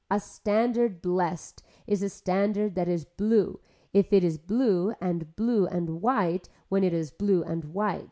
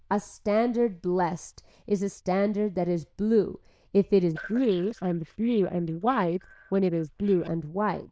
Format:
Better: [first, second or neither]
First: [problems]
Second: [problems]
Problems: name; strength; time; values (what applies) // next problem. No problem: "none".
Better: first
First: none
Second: noise reduction (neural diffusion model UNIVERSE++)